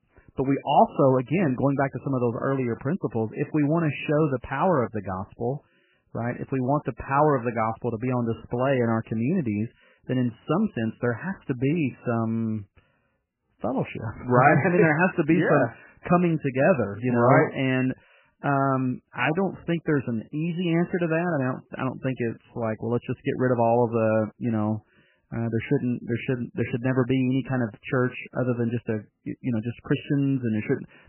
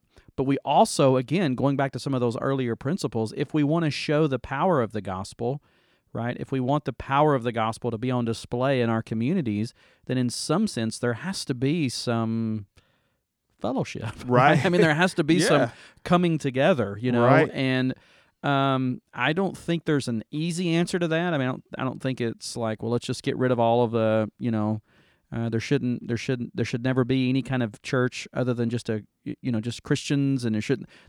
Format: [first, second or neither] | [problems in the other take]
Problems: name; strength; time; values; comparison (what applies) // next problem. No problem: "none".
second | garbled, watery; badly; nothing above 3 kHz